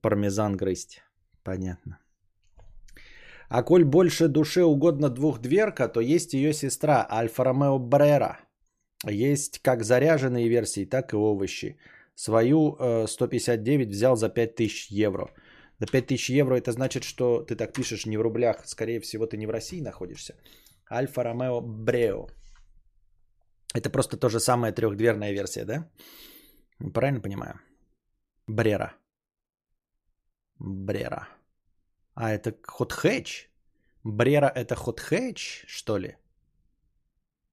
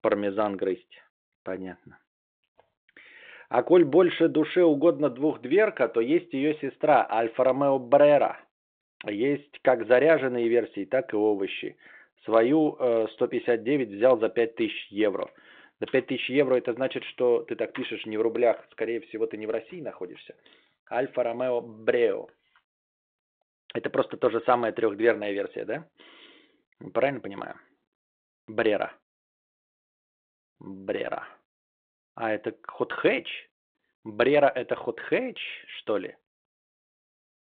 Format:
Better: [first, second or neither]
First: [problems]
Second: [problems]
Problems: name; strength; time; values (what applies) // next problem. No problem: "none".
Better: first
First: none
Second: phone-call audio; nothing above 3.5 kHz